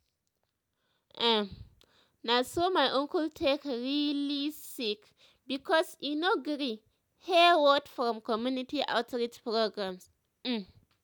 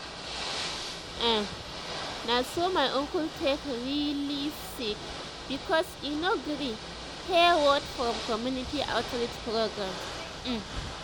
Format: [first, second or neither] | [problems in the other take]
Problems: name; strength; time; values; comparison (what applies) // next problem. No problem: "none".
first | background sound (Ocean / Boat, Water vehicle); 8 dB below the speech